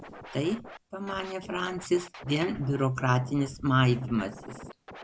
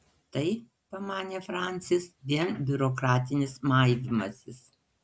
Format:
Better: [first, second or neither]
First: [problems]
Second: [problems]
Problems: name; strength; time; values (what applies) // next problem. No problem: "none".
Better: second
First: background sound (Scratching (performance technique)); 16 dB below the speech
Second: none